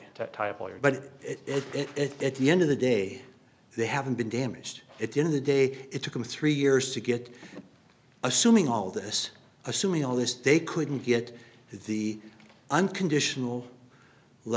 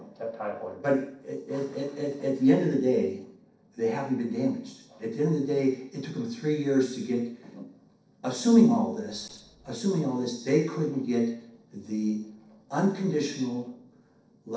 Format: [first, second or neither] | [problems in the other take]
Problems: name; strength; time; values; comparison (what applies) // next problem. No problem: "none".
first | noise reduction (neural separator model SepFormer DNS4)